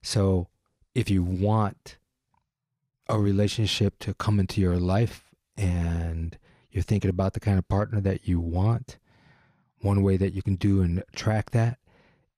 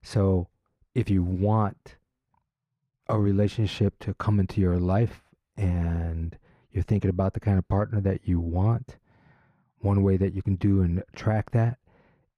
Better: first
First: none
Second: muffled; slightly; fading above 2.5 kHz

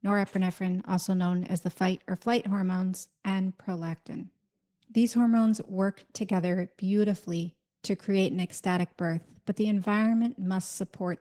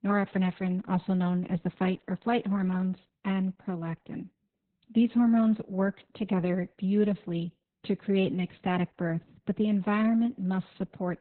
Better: first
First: garbled, watery; slightly; nothing above 18.5 kHz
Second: garbled, watery; badly; nothing above 4 kHz

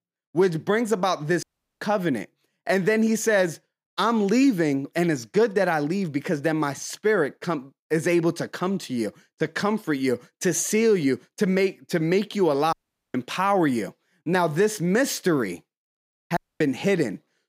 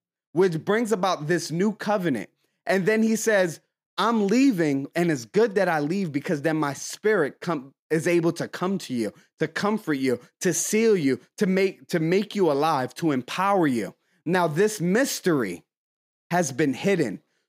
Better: second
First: audio cutting out; at 1.5 s, at 13 s and at 16 s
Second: none

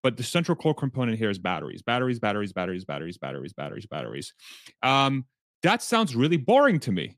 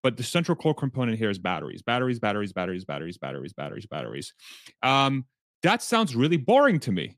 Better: neither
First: none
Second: none

